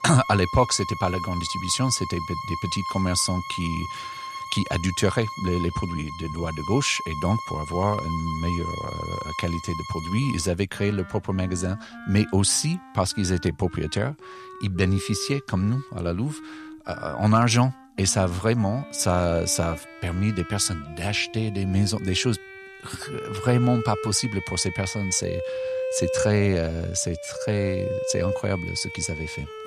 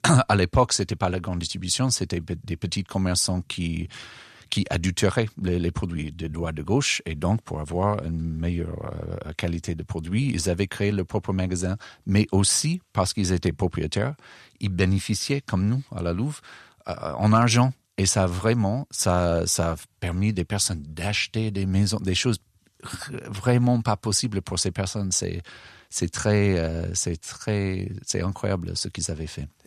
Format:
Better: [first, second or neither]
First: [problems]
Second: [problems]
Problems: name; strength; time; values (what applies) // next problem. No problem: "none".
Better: second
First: background music; loud; throughout; 9 dB below the speech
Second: none